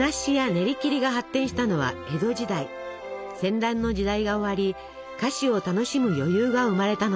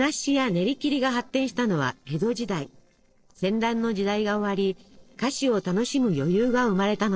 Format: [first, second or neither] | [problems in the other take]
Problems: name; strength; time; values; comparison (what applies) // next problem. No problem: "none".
first | noise reduction (neural separator model SepFormer DNS4)